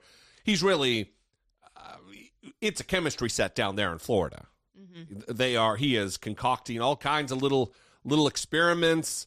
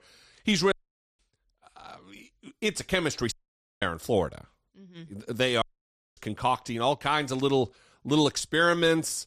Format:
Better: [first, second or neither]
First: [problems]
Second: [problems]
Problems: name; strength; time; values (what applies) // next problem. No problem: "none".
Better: first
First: none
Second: audio cutting out; at 0.5 s, at 3.5 s for 0.5 s and at 5.5 s for 0.5 s